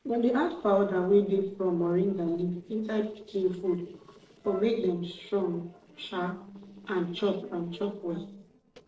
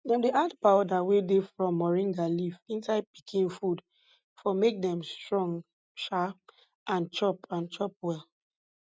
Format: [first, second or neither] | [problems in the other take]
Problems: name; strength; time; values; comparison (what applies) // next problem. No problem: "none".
second | noise reduction (neural separator model SepFormer DNS4)